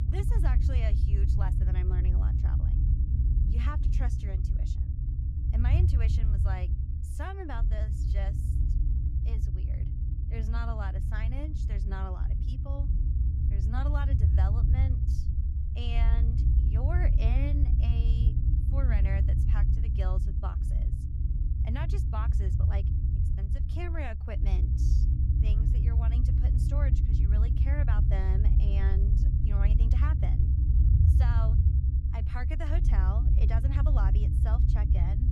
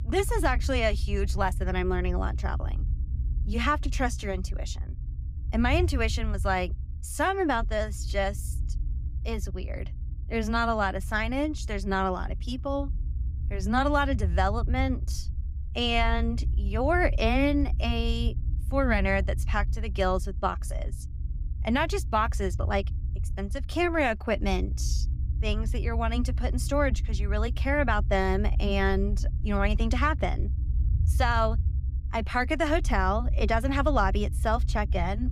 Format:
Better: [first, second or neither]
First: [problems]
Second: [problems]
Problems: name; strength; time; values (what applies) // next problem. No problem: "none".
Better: second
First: low rumble; loud; throughout; 1 dB below the speech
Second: low rumble; faint; throughout; 20 dB below the speech